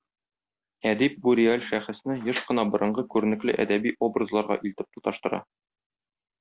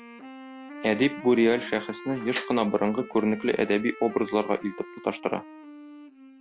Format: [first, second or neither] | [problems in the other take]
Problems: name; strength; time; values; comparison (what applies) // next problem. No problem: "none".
first | background sound (Wind instrument, woodwind instrument); 15 dB below the speech